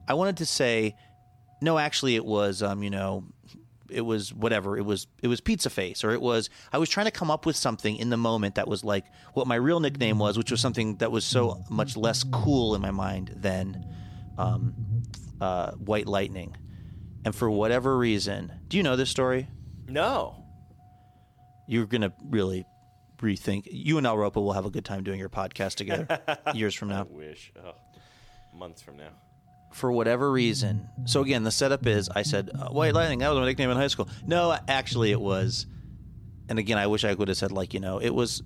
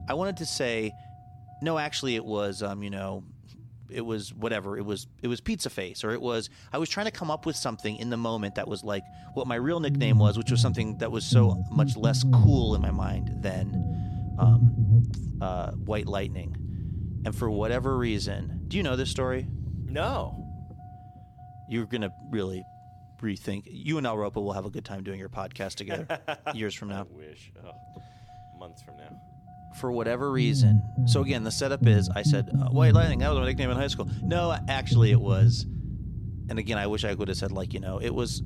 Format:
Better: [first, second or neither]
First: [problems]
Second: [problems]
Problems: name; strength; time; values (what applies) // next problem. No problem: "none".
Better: first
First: low rumble; faint; throughout; 20 dB below the speech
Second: low rumble; loud; throughout; 7 dB below the speech